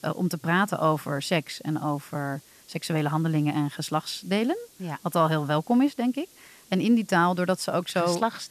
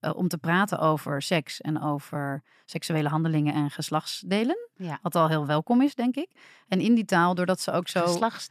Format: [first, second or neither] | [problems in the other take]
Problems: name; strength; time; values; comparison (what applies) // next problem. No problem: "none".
second | hiss; faint; throughout; 25 dB below the speech